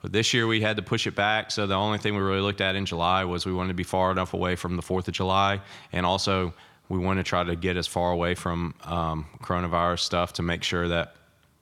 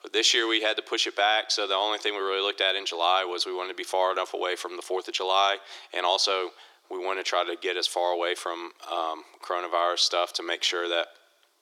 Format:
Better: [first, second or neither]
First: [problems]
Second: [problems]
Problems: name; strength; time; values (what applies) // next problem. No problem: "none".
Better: first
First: none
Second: thin; very; fading below 350 Hz